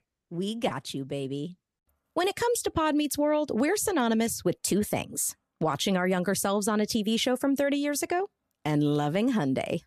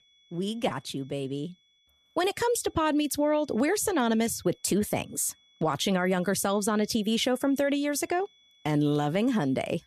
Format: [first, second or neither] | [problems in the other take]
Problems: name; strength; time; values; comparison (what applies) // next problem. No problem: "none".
first | high-pitched whine; faint; throughout; 3.5 kHz, 35 dB below the speech